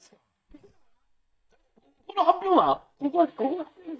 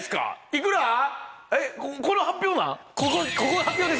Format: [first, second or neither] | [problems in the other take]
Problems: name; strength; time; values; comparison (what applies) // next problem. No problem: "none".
second | noise reduction (neural mask model DeepFilterNet 3)